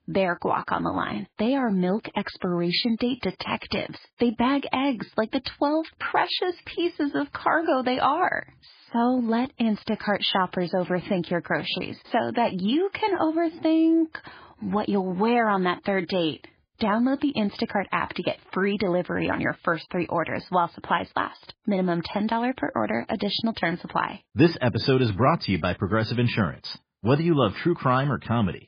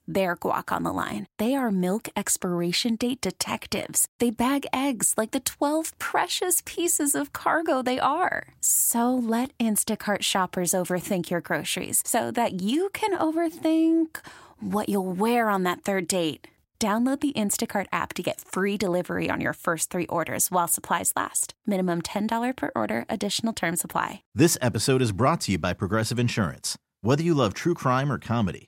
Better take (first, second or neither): second